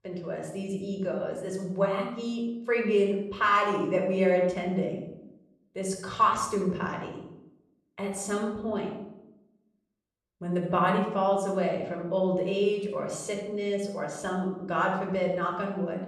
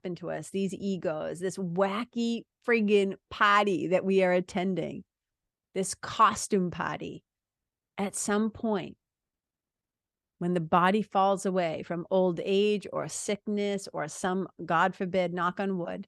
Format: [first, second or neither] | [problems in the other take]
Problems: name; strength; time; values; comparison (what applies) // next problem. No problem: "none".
second | off-mic speech; somewhat distant // room echo; noticeable; dies away in 0.7 s